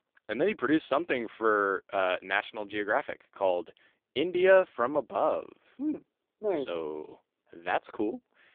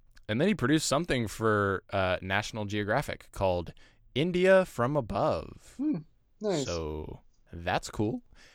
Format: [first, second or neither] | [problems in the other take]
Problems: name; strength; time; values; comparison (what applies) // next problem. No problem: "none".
second | phone-call audio; poor line; nothing above 3.5 kHz